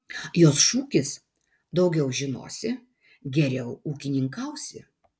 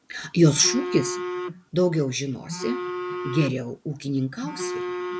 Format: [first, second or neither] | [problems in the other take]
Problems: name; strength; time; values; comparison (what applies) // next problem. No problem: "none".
first | background sound (Telephone); 7 dB below the speech